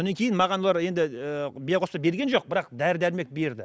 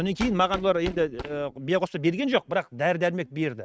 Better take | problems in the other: first | noise reduction (neural mask model RNNoise)

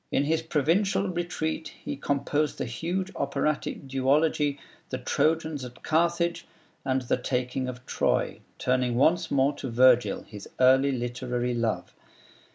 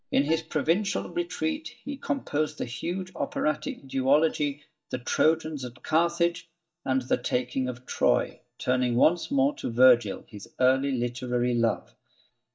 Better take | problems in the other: first | noise reduction (neural mask model DeepFilterNet 3)

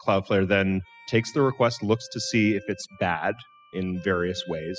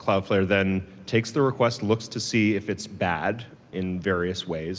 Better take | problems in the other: second | noise reduction (classical method spectral subtraction)

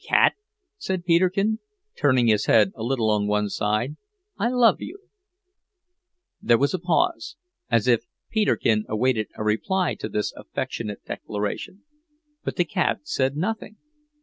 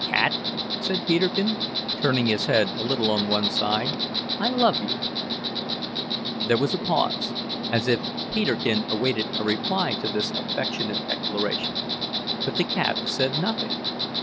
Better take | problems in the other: first | background sound (Insect); 1 dB below the speech

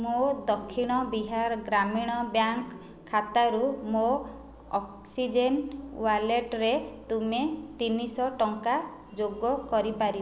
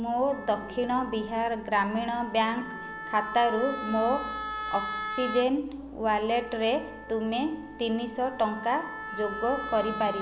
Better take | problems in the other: first | background sound (Wind instrument, woodwind instrument); 10 dB below the speech

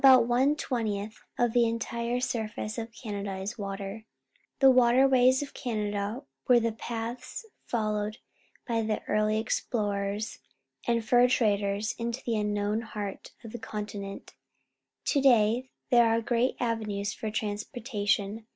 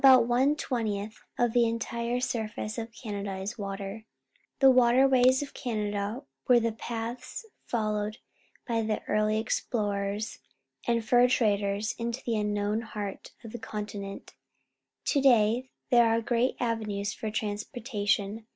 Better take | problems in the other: first | background sound (Crack); 18 dB below the speech

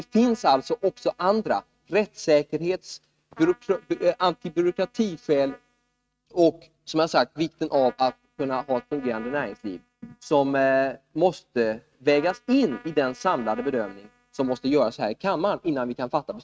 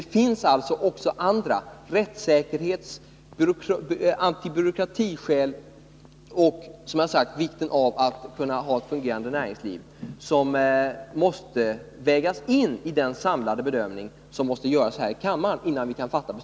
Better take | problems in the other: second | noise reduction (neural mask model RNNoise)

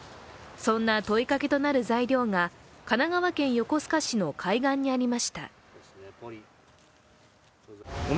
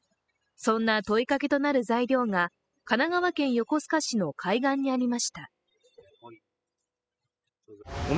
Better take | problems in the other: first | noise reduction (classical method spectral subtraction)

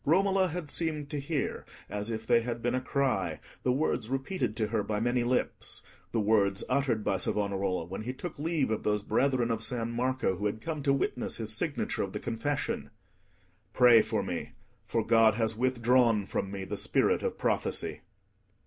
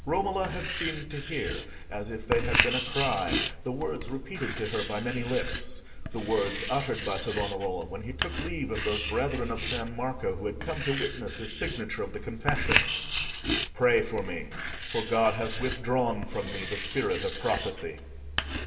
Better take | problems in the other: first | background sound (Writing); 2 dB below the speech // room echo; dies away in 1.9 s

